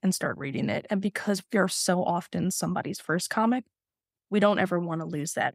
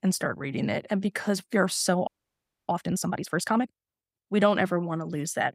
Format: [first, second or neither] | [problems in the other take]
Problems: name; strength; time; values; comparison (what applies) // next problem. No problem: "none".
first | audio freezing; at 2 s for 0.5 s